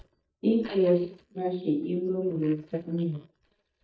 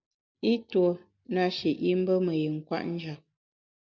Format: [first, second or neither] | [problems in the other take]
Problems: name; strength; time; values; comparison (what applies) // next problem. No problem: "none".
second | noise reduction (neural mask model DeepFilterNet 3)